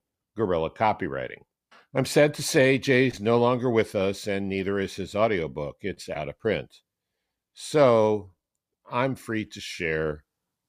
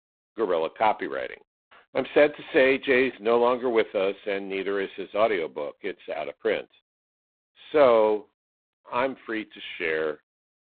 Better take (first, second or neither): first